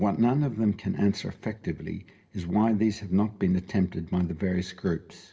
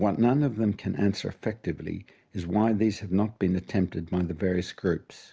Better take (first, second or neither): second